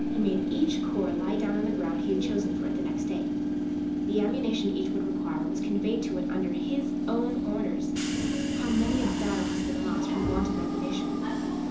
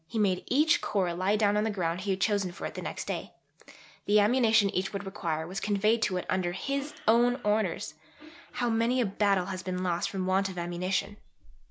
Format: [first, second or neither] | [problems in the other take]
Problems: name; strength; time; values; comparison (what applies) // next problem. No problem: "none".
second | background sound (Subway, metro, underground / Train); 4 dB above the speech // room echo; dies away in 0.6 s